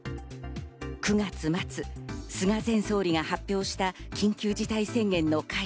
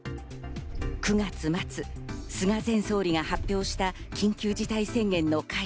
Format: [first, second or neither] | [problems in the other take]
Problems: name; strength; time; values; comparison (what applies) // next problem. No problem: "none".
first | background sound (Engine starting / Car); 10 dB below the speech